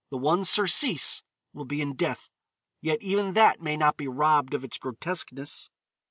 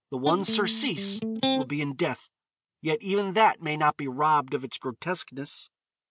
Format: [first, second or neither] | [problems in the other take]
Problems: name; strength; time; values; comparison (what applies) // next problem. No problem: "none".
first | noise reduction (neural mask model RNNoise)